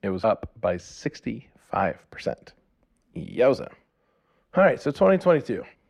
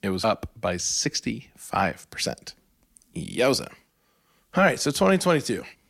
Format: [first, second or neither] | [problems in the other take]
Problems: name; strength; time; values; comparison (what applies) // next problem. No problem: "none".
second | muffled; very; fading above 4 kHz